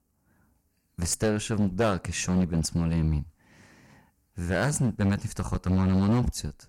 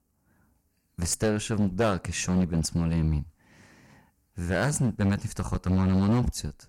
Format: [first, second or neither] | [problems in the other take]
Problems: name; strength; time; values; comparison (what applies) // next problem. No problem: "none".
neither | distortion; heavy; 8% of the sound clipped; the same in both